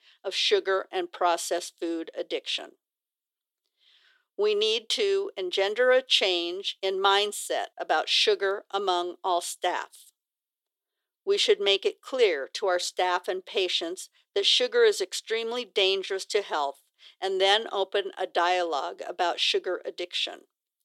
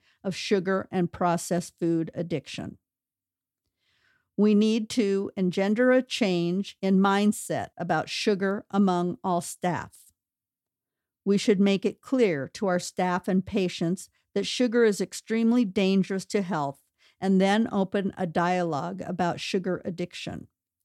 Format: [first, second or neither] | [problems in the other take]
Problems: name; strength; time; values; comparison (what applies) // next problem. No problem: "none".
second | thin; very; fading below 400 Hz